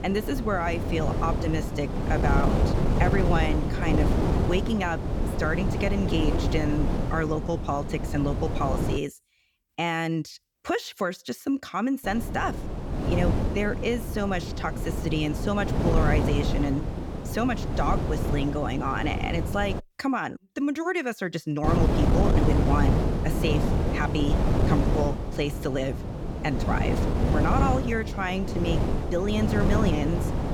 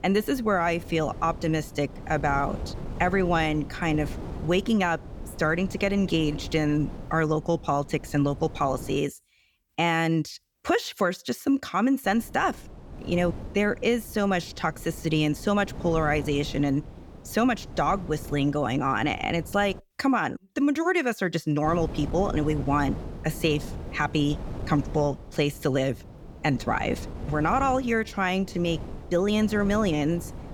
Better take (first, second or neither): second